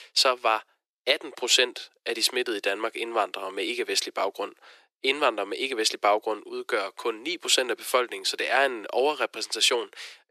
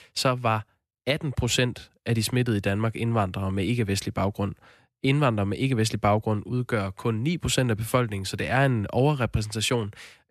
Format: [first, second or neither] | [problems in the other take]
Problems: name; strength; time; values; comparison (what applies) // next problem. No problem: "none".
second | thin; very; fading below 350 Hz